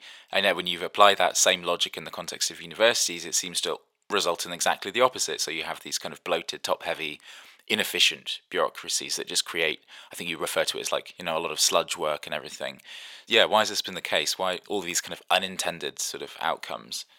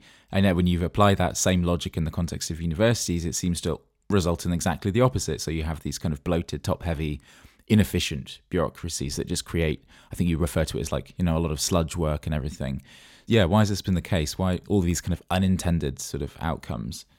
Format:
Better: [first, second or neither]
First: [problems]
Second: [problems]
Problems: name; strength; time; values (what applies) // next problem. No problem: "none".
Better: second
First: thin; very; fading below 650 Hz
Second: none